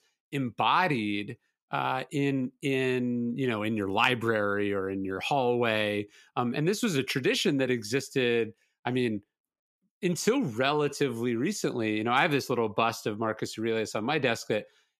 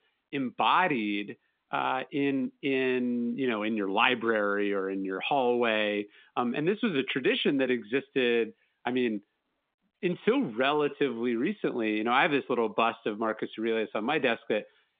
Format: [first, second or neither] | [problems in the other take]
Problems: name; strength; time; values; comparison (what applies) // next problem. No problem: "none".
first | phone-call audio